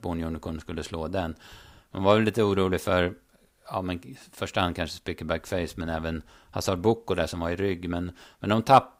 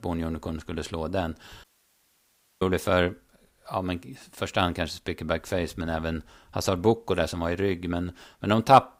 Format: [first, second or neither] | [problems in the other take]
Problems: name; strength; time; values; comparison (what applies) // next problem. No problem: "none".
first | audio cutting out; at 1.5 s for 1 s